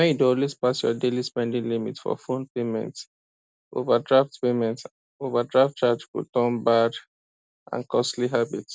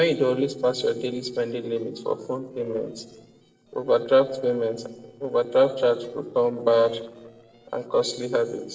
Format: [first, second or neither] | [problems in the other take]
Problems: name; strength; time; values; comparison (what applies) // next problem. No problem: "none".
first | noise reduction (neural separator model SepFormer DNS4)